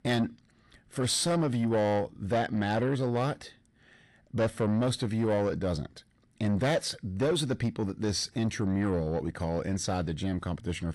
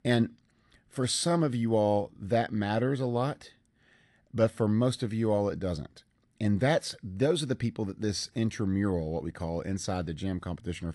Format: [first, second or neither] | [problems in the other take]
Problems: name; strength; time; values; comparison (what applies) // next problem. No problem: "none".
second | distortion; slight; 10 dB below the speech